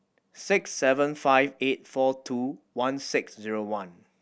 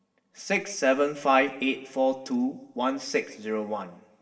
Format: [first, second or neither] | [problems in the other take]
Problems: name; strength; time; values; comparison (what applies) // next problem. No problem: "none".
first | room echo; dies away in 2.6 s